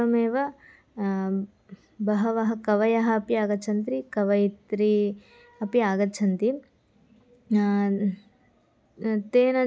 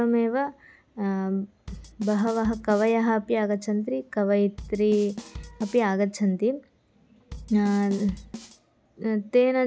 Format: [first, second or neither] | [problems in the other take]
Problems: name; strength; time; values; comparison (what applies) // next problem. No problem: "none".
first | background sound (Bass drum / Snare drum / Drum kit); 16 dB below the speech